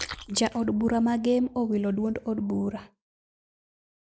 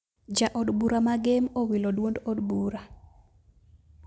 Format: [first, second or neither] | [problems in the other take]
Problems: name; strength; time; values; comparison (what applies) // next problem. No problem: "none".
second | noise reduction (neural mask model Resemble Enhance denoiser)